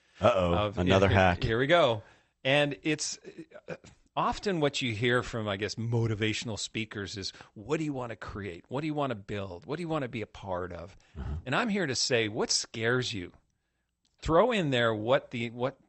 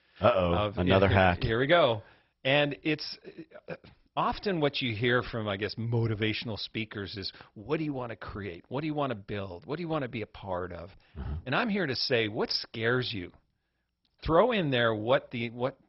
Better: first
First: garbled, watery; slightly; nothing above 8 kHz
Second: garbled, watery; badly; nothing above 5.5 kHz

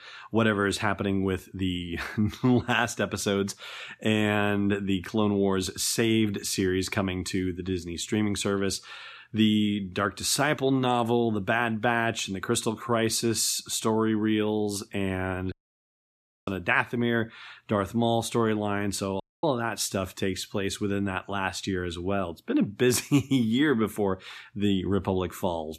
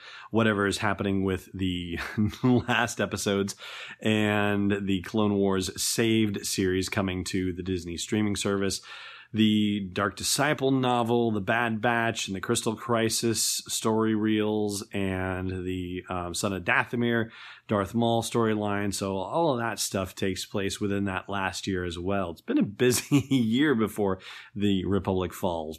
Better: second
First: audio cutting out; at 16 s for 1 s and at 19 s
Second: none

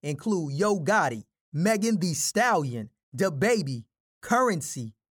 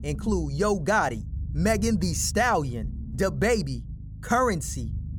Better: first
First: none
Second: low rumble; faint; throughout; 25 dB below the speech

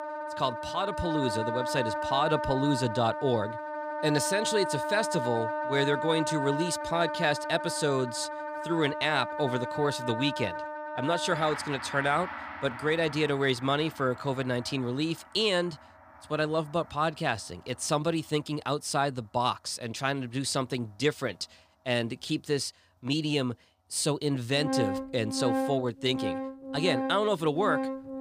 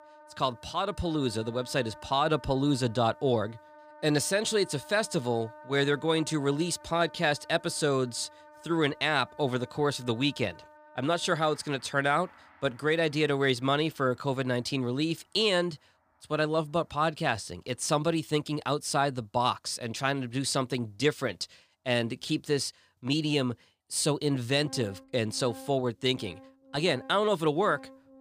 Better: second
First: background music; loud; throughout; 5 dB below the speech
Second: background music; faint; throughout; 20 dB below the speech

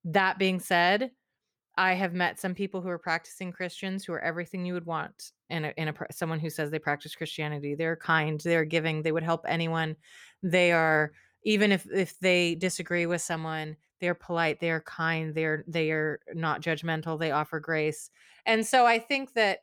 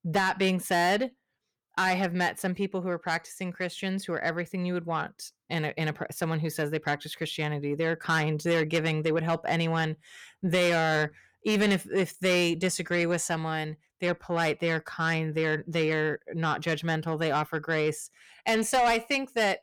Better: first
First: none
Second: distortion; slight; 10 dB below the speech

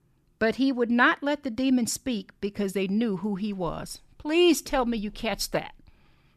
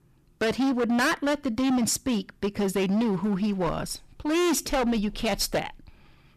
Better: first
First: none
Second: distortion; heavy; 20% of the sound clipped

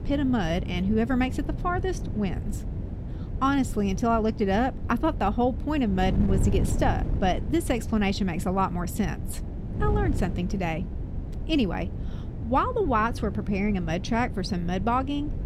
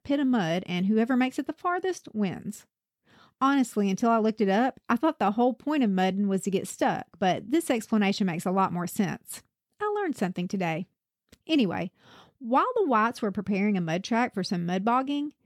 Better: second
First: wind noise on the microphone; occasional gusts; 15 dB below the speech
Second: none

